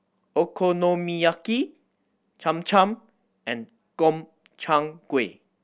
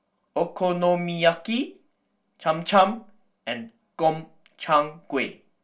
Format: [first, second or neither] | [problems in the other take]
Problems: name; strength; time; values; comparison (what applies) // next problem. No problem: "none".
first | room echo; dies away in 0.3 s